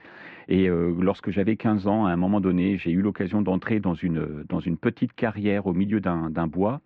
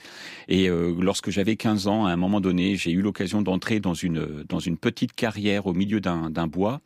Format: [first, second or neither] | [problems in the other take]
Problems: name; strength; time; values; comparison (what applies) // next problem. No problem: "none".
second | muffled; very; fading above 2 kHz